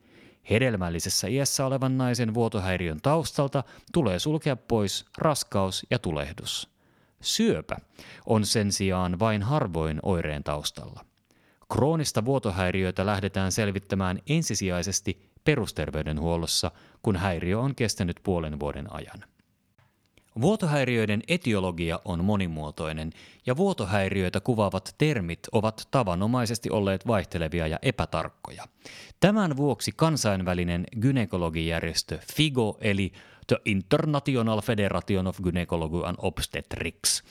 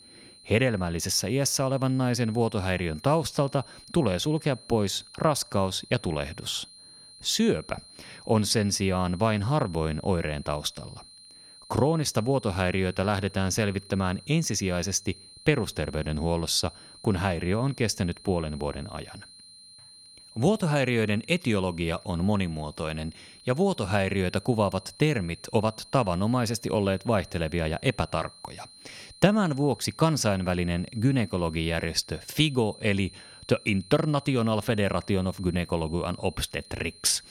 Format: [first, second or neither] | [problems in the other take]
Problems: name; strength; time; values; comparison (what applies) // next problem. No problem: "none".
first | high-pitched whine; faint; throughout; 4 kHz, 20 dB below the speech